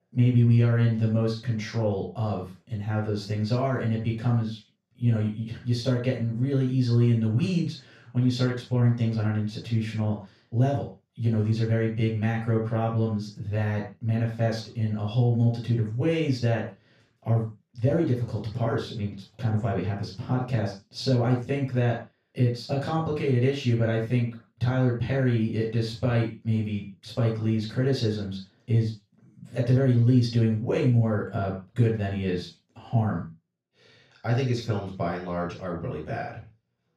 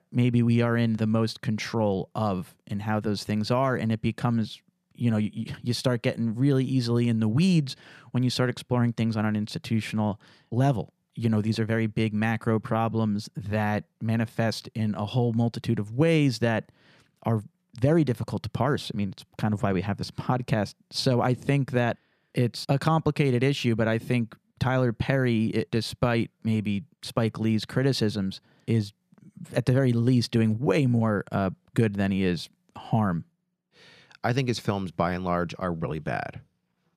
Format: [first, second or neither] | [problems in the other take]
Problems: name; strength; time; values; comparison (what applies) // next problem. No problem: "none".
second | room echo; noticeable; dies away in 0.3 s // off-mic speech; far